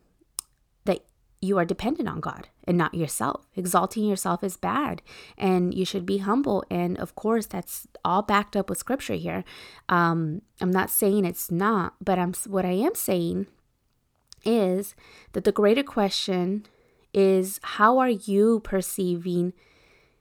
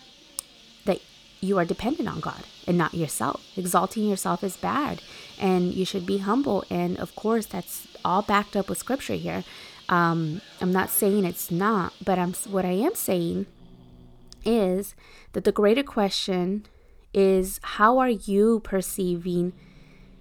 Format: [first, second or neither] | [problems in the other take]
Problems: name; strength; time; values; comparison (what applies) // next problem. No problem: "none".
first | animal sounds; faint; throughout; 20 dB below the speech